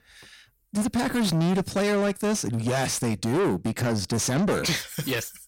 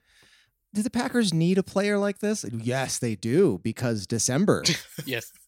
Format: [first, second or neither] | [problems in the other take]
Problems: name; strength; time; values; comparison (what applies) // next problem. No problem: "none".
second | distortion; heavy; 6 dB below the speech